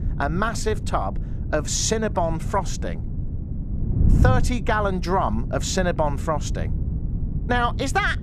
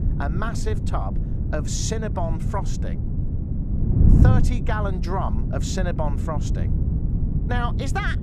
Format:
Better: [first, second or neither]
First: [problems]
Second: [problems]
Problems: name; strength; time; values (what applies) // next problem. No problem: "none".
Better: first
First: wind noise on the microphone; occasional gusts; 15 dB below the speech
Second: wind noise on the microphone; heavy; 6 dB below the speech